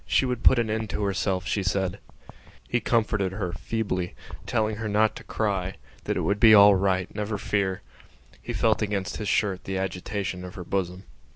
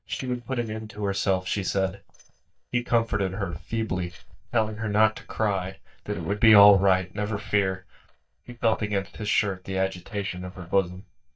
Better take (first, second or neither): first